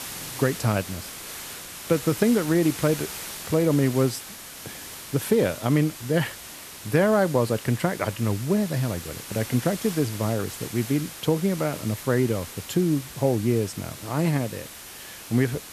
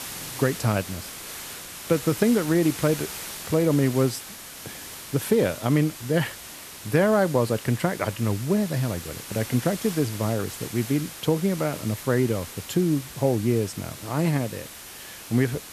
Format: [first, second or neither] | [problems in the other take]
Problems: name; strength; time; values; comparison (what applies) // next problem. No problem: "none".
neither | hiss; noticeable; throughout; 10 dB below the speech; the same in both